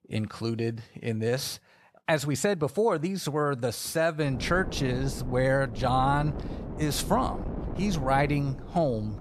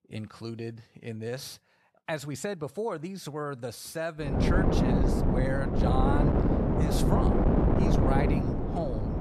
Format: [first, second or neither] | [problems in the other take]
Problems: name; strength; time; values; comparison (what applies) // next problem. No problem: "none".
first | wind noise on the microphone; heavy; from 4.5 s on; 4 dB above the speech; occasional gusts in the first